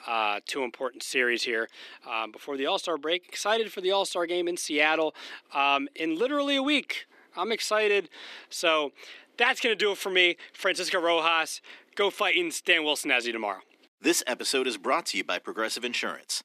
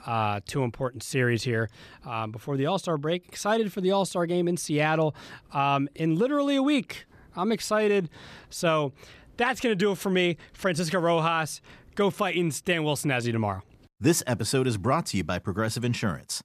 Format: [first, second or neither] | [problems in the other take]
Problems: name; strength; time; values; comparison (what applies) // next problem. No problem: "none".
second | thin; somewhat; fading below 300 Hz